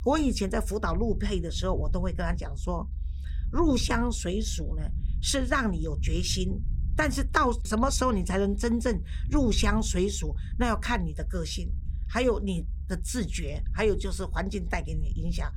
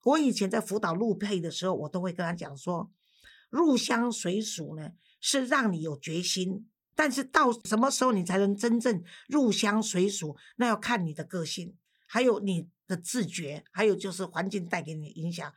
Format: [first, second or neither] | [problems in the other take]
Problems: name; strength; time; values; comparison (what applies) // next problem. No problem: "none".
second | low rumble; faint; throughout; 20 dB below the speech